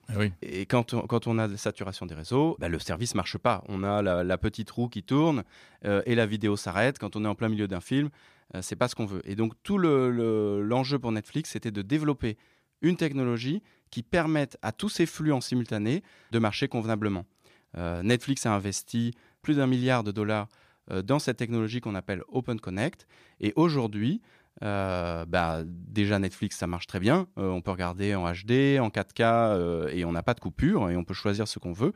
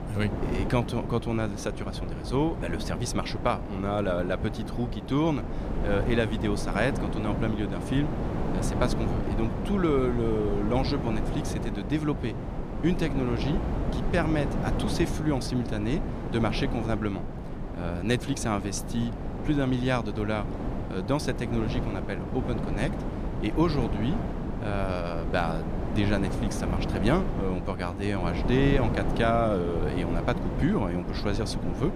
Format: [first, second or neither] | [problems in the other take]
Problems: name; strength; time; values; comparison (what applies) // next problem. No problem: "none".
first | wind noise on the microphone; heavy; 6 dB below the speech